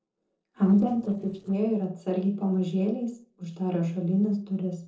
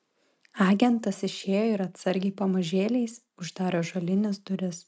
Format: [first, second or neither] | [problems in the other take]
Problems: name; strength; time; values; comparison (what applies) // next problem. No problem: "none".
second | noise reduction (neural separator model SepFormer DNS4)